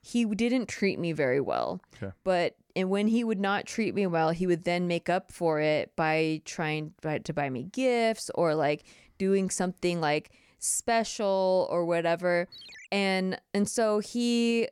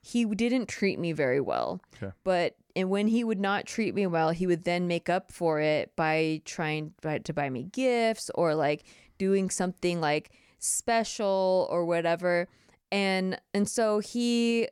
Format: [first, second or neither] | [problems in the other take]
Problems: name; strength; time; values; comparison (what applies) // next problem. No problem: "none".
second | phone ringing; faint; at 13 s; peak 15 dB below the speech